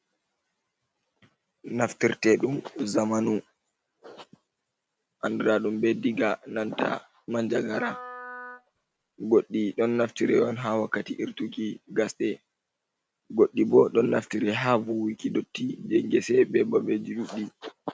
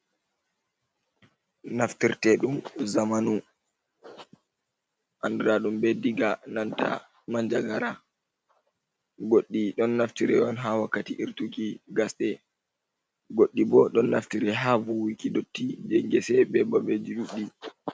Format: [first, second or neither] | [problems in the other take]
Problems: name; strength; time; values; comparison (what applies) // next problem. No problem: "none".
second | background sound (Wind instrument, woodwind instrument); 16 dB below the speech